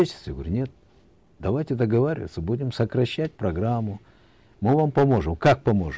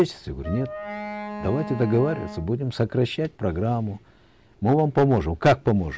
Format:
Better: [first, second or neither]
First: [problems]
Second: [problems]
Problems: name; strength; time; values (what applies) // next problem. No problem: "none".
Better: first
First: none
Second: background sound (Wind instrument, woodwind instrument); 11 dB below the speech